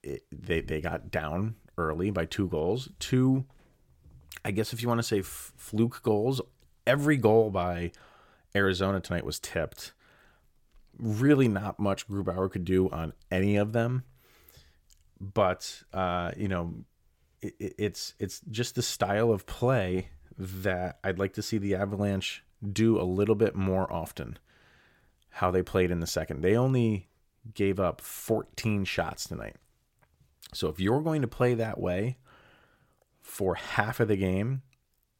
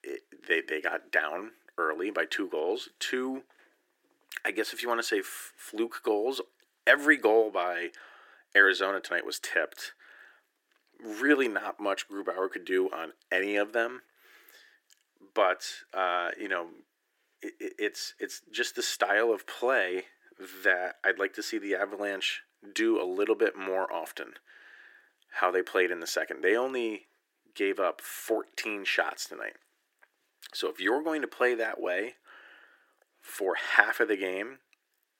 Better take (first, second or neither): first